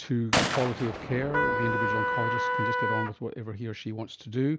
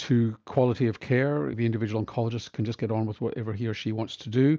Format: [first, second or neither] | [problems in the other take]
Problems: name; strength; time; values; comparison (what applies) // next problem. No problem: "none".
second | background sound (Gunshot, gunfire + Trumpet); 3 dB above the speech